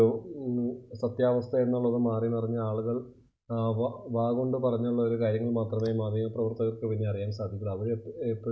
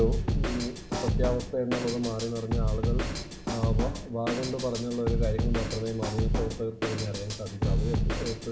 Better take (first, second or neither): first